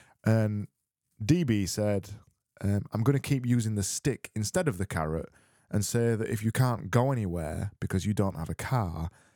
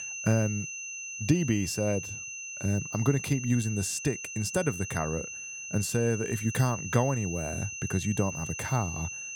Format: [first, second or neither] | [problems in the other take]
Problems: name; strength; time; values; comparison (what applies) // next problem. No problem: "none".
first | high-pitched whine; loud; throughout; 2.5 kHz, 6 dB below the speech